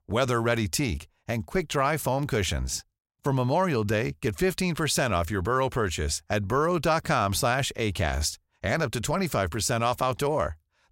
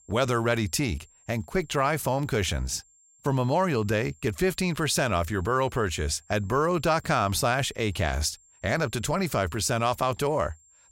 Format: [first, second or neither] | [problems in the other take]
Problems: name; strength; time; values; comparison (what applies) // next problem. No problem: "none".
first | high-pitched whine; faint; throughout; 7.5 kHz, 30 dB below the speech